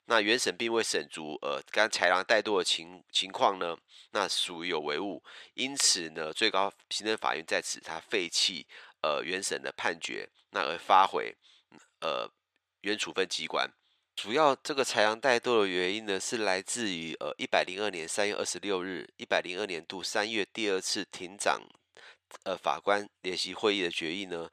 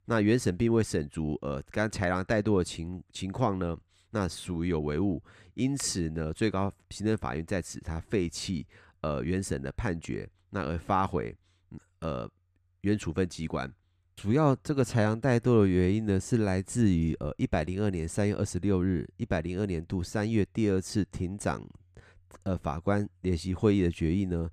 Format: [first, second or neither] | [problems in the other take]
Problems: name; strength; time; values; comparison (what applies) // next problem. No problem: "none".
second | thin; very; fading below 600 Hz